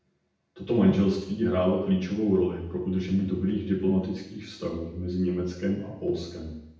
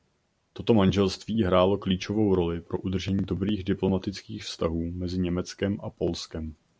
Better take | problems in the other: second | room echo; dies away in 0.8 s

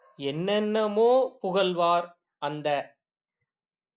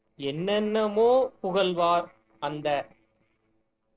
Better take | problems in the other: first | noise reduction (neural separator model SepFormer DNS4)

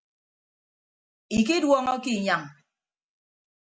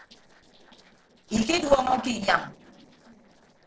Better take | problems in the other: first | noise reduction (neural separator model SepFormer DNS4)

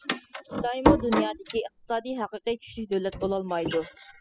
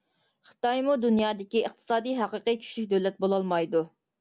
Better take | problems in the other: second | noise reduction (classical method spectral subtraction)

